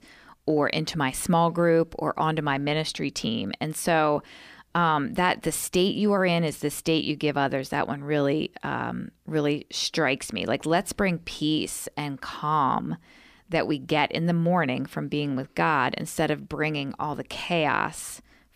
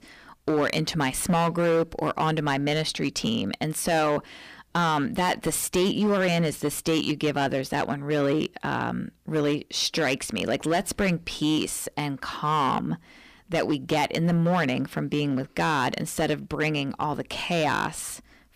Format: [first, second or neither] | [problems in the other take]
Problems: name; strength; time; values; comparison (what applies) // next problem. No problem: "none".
first | distortion; slight; 8% of the sound clipped